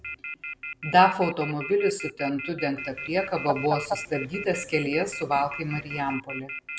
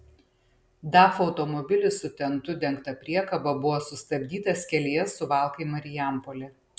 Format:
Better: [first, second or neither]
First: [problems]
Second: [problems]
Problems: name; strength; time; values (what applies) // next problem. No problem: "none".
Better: second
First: background sound (Fowl + Telephone); 9 dB below the speech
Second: none